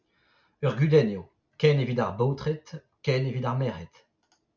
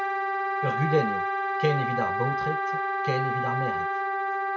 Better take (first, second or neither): first